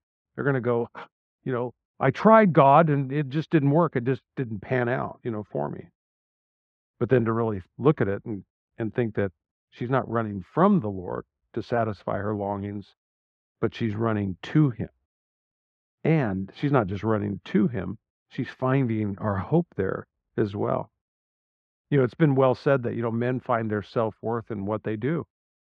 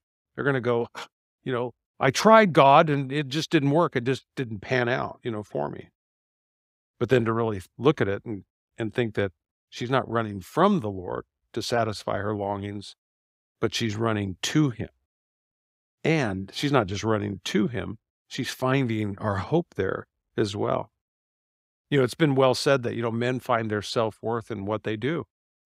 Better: second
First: muffled; very; fading above 1.5 kHz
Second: none

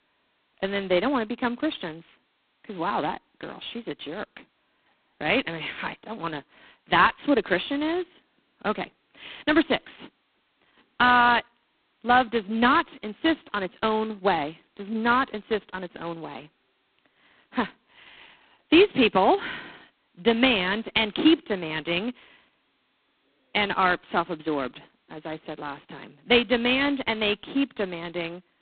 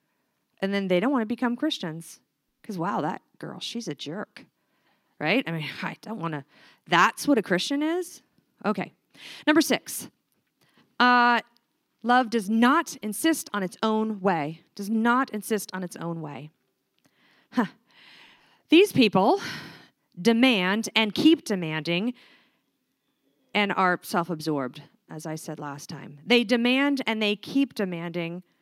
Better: second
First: phone-call audio; poor line; nothing above 4 kHz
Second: none

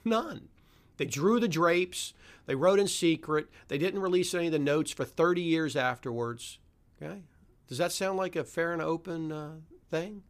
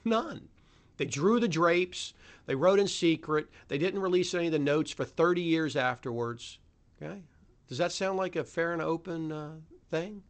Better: first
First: none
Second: garbled, watery; slightly; nothing above 8 kHz

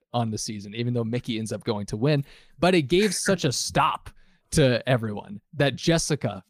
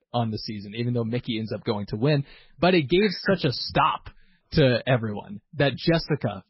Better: first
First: none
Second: garbled, watery; badly; nothing above 5.5 kHz

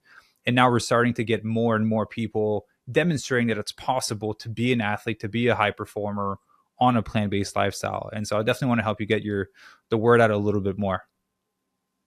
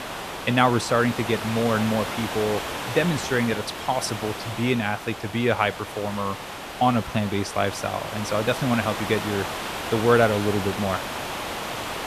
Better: first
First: none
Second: hiss; loud; throughout; 7 dB below the speech

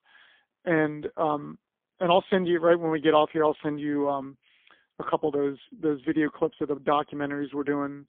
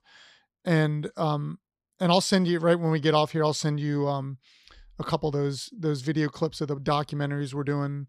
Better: second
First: phone-call audio; poor line; nothing above 3.5 kHz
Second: none

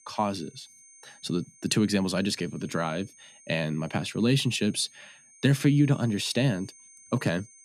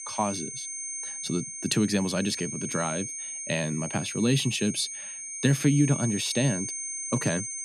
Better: first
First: high-pitched whine; faint; throughout; 6.5 kHz, 25 dB below the speech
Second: high-pitched whine; loud; throughout; 6.5 kHz, 6 dB below the speech

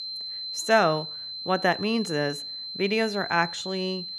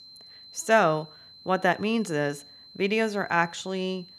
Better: second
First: high-pitched whine; loud; throughout; 4 kHz, 7 dB below the speech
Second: high-pitched whine; faint; throughout; 4 kHz, 20 dB below the speech

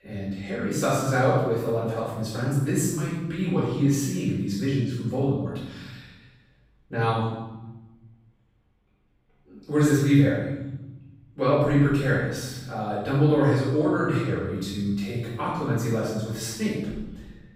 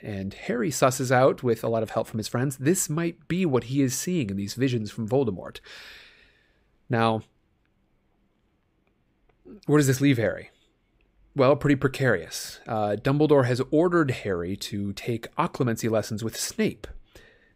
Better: second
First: off-mic speech; far // room echo; strong; dies away in 1.1 s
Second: none

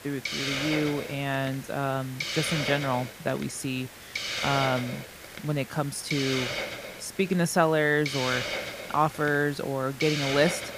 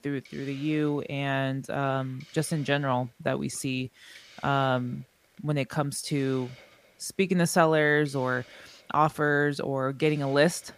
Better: second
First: hiss; loud; throughout; 4 dB below the speech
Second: hiss; faint; throughout; 25 dB below the speech

